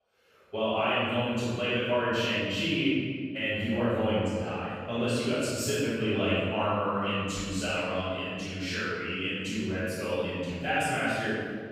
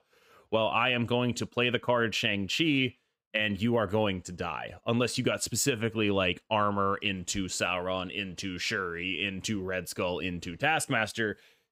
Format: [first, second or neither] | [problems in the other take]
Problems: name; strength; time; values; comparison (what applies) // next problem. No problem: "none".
second | room echo; strong; dies away in 1.7 s // off-mic speech; far